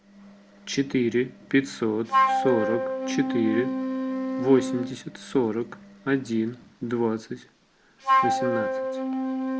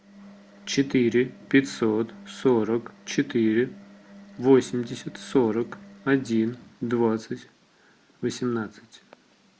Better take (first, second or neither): second